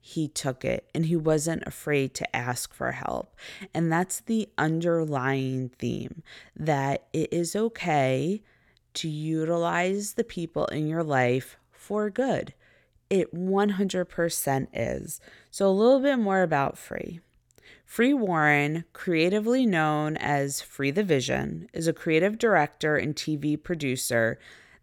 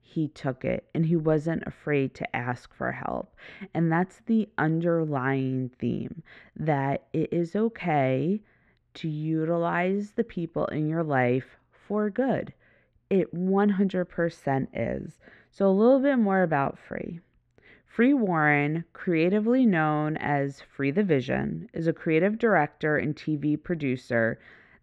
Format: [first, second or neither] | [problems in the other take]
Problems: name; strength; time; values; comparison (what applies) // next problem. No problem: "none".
first | muffled; very; fading above 2 kHz